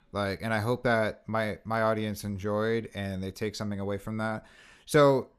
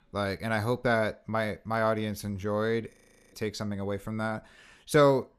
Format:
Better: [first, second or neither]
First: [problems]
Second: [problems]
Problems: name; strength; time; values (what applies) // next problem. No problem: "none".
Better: first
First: none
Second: audio freezing; at 3 s